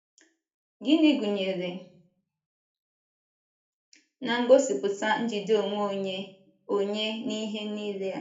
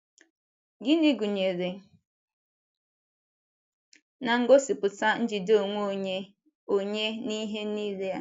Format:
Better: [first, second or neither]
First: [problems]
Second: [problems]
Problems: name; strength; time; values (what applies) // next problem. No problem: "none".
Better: second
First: room echo; dies away in 0.4 s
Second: none